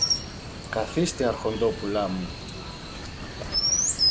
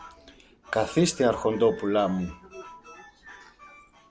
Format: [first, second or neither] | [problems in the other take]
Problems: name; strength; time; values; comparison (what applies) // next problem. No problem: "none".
second | background sound (Chirp, tweet); 1 dB above the speech